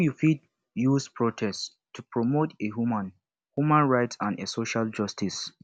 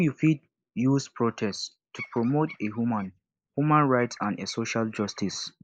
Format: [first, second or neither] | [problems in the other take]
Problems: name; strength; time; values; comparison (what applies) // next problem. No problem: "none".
first | noise reduction (neural mask model Resemble Enhance denoiser)